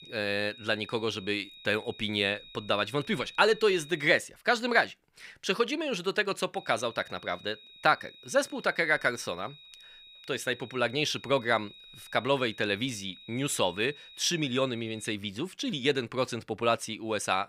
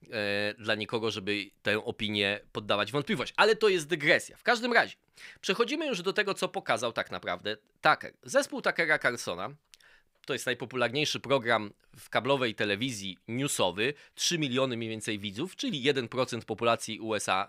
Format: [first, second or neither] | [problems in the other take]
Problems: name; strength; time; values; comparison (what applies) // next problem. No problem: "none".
second | high-pitched whine; noticeable; until 4 s and from 6.5 to 15 s; 4 kHz, 20 dB below the speech